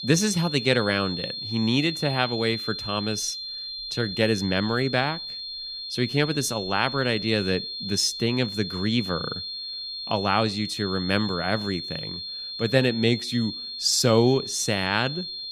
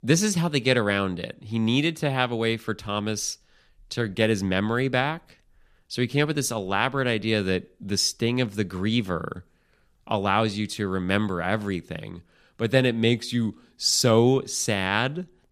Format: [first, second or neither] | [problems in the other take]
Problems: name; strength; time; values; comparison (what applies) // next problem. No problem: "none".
second | high-pitched whine; loud; throughout; 4 kHz, 7 dB below the speech